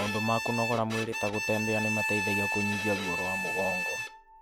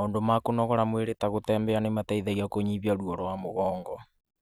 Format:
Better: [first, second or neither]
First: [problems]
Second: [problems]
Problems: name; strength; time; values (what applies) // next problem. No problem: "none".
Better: second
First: background sound (Bowed string instrument); 1 dB below the speech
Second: none